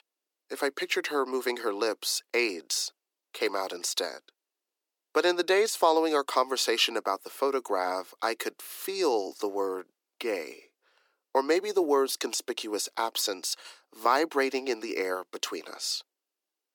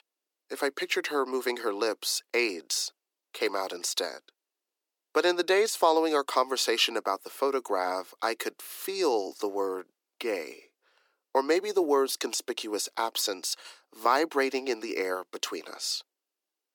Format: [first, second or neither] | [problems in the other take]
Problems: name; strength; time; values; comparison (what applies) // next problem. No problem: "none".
neither | thin; somewhat; fading below 300 Hz; the same in both